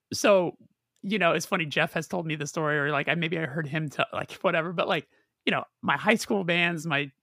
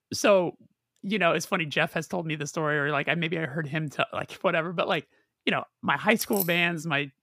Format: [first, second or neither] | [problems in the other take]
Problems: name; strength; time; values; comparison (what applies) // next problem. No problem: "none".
first | jangling keys; noticeable; at 6 s; peak 4 dB below the speech